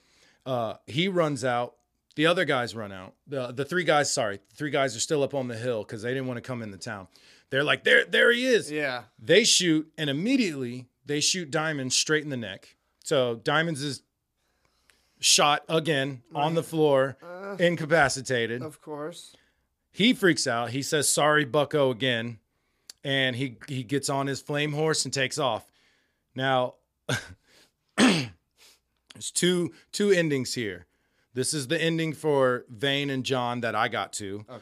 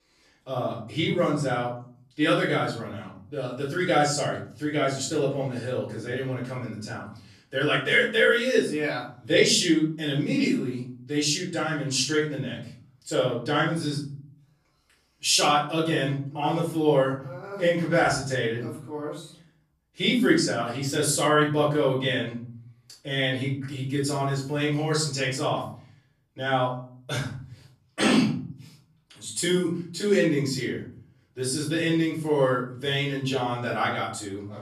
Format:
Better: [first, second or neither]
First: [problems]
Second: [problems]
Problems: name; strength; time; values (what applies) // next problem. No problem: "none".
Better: first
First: none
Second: off-mic speech; far // room echo; noticeable; dies away in 0.5 s